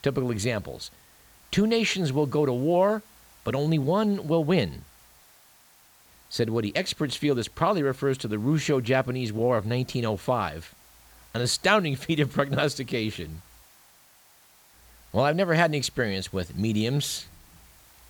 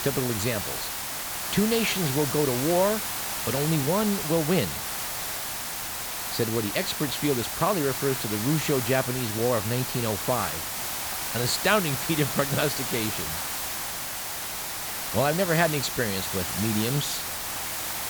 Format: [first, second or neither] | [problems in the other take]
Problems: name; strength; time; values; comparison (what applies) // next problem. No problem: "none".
first | hiss; loud; throughout; 2 dB below the speech; faint in the first